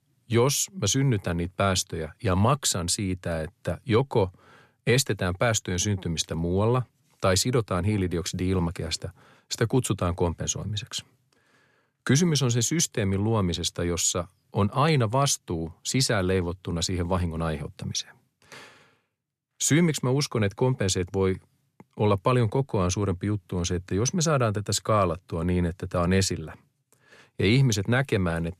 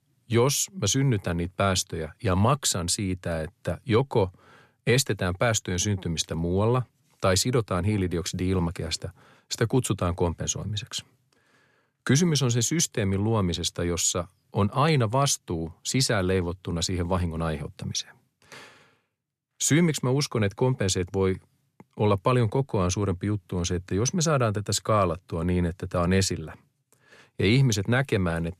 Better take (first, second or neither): neither